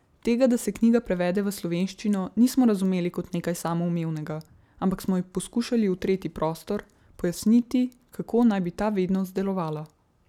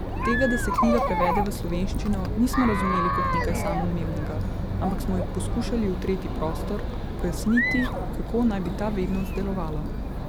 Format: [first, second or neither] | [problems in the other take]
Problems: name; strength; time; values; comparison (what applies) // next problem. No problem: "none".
first | background sound (Chatter); 1 dB above the speech